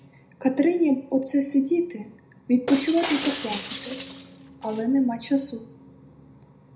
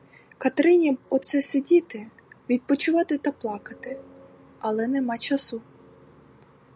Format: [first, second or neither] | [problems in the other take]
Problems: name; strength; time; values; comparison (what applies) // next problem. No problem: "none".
second | background sound (Shatter); 14 dB below the speech // room echo; dies away in 0.5 s